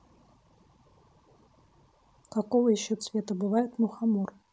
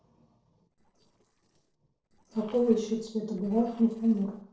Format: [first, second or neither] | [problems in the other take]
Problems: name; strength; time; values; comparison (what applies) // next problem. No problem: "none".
first | noise reduction (neural separator model SepFormer DNS4)